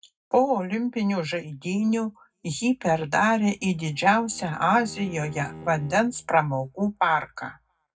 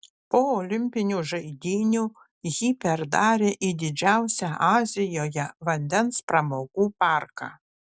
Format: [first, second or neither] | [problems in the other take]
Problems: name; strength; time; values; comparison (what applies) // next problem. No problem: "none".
second | background sound (Bowed string instrument); 19 dB below the speech // room echo; dies away in 0.3 s